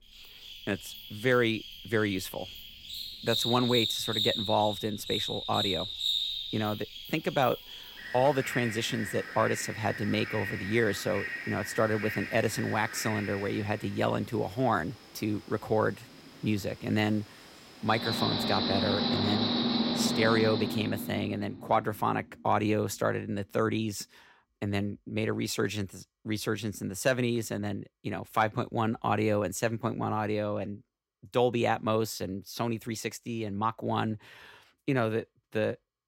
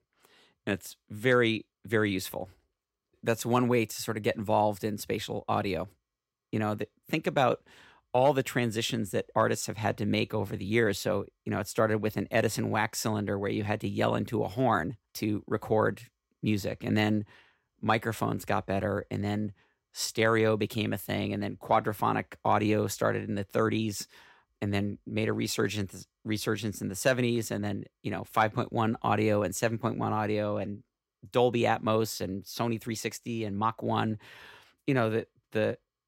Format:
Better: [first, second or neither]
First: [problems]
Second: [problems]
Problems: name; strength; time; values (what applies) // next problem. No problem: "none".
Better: second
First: animal sounds; loud; until 20 s; 2 dB below the speech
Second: none